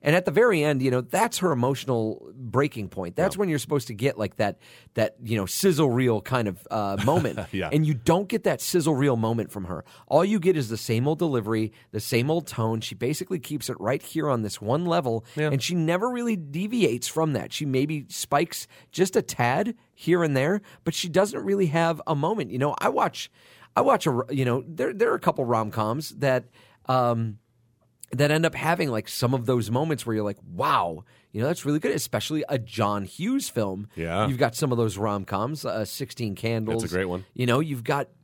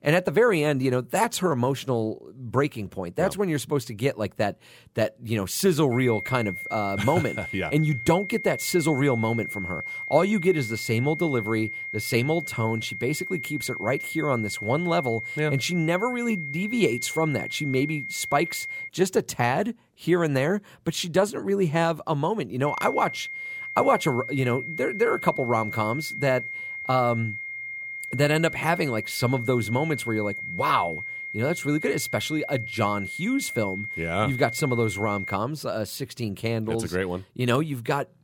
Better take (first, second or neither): first